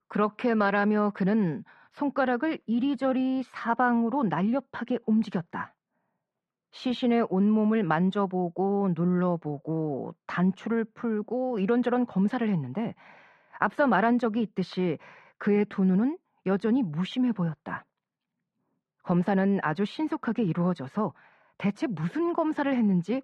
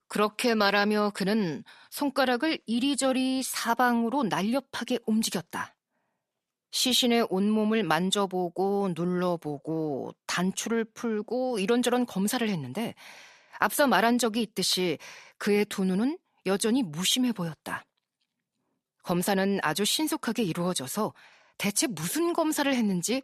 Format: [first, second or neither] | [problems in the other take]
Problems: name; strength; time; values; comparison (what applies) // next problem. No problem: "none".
second | muffled; very; fading above 1.5 kHz